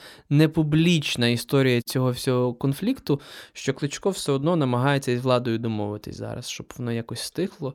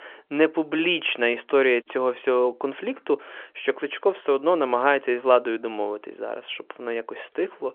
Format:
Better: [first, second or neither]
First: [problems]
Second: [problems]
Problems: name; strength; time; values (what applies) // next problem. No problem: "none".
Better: first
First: none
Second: phone-call audio; nothing above 3.5 kHz